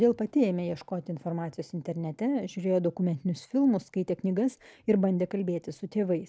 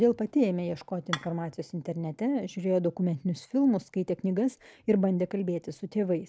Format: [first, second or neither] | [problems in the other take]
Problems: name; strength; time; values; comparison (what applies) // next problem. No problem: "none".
first | background sound (Dishes, pots, and pans / Chink, clink); 9 dB below the speech